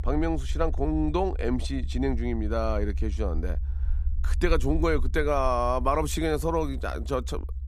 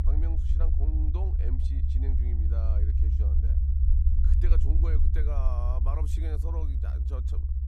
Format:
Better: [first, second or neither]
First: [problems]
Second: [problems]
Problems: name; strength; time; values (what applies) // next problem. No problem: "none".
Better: first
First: low rumble; faint; throughout; 25 dB below the speech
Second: low rumble; loud; throughout; 1 dB below the speech